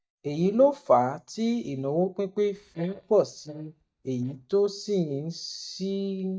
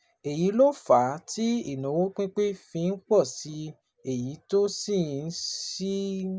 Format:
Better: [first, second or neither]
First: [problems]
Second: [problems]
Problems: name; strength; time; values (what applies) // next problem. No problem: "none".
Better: second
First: noise reduction (neural mask model DeepFilterNet 3)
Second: none